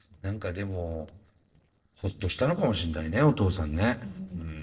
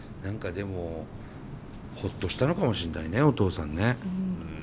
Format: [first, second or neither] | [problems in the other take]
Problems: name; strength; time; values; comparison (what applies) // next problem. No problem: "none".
second | noise reduction (neural separator model SepFormer DNS4)